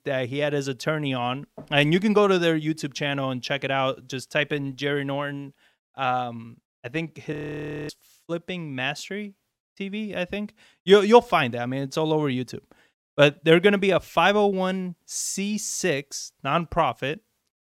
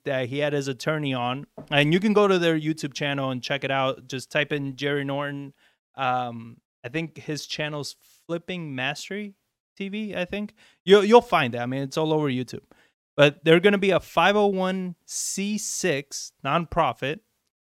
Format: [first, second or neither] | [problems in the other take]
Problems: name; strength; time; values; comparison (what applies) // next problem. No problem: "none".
second | audio freezing; at 7.5 s for 0.5 s